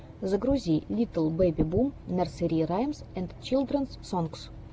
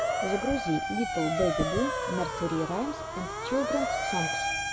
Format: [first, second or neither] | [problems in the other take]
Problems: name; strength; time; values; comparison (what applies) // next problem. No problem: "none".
first | background sound (Motor vehicle (road) / Siren); as loud as the speech